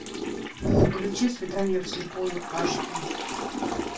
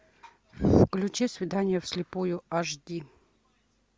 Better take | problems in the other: second | background sound (Toilet flush / Water); 5 dB below the speech // room echo; dies away in 0.2 s

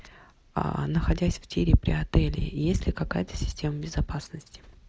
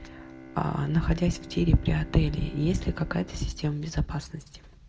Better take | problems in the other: first | background sound (Bowed string instrument); 18 dB below the speech // room echo; dies away in 0.8 s

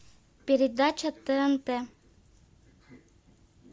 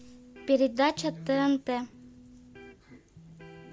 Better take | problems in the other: first | background sound (Electric guitar); 18 dB below the speech

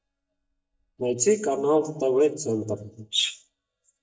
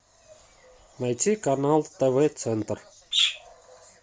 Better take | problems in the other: second | noise reduction (neural mask model DeepFilterNet 3)

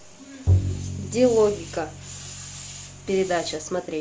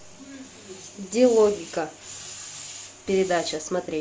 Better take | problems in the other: second | background sound (Bowed string instrument); 3 dB below the speech

